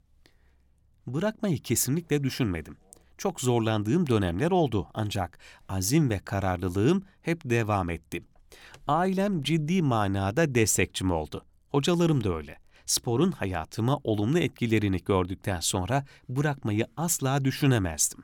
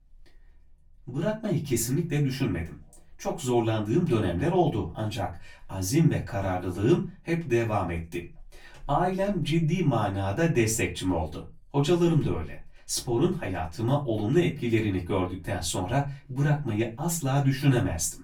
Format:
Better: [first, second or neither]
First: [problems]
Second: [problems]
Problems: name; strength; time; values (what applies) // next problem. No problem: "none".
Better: first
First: none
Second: off-mic speech; far // room echo; very slight; dies away in 0.2 s